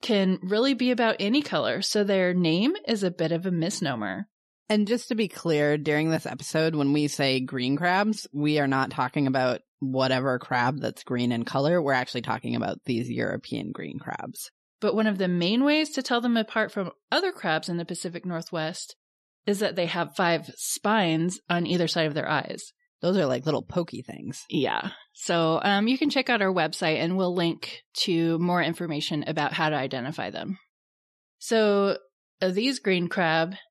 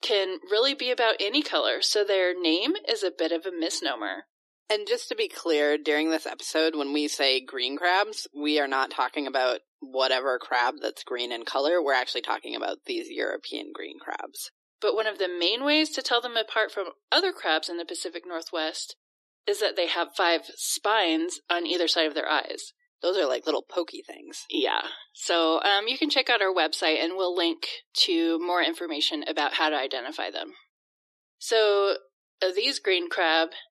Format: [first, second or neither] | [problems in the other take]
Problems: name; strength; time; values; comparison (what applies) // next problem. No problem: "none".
first | thin; somewhat; fading below 300 Hz